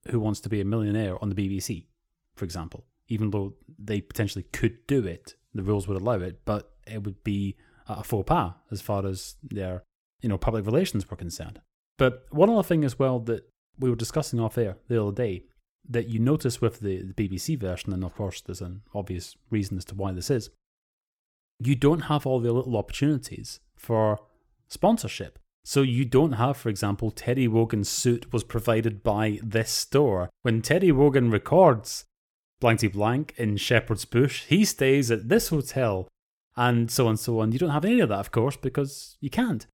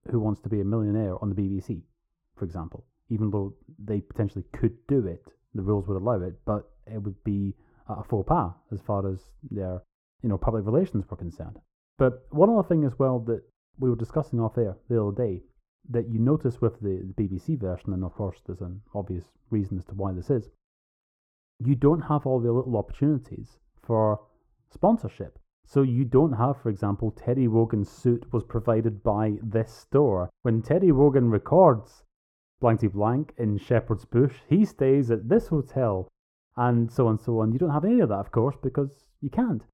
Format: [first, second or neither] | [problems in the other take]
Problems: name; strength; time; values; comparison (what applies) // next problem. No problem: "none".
first | muffled; very; fading above 1.5 kHz